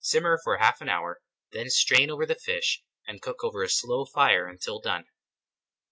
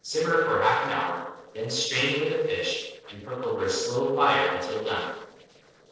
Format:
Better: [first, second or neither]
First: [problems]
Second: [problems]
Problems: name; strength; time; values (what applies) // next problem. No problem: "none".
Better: first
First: none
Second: noise reduction (neural separator model SepFormer DNS4)